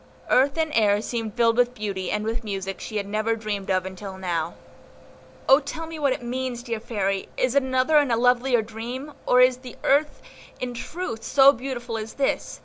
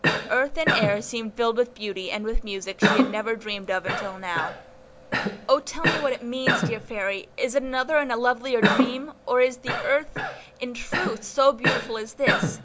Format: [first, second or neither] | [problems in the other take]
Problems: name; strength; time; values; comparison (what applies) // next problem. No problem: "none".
first | background sound (Cough); 2 dB below the speech